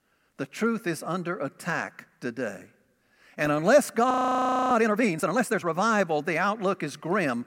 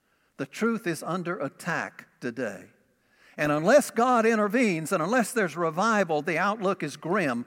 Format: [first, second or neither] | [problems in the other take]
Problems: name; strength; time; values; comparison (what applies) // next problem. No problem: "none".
second | audio freezing; at 4 s for 0.5 s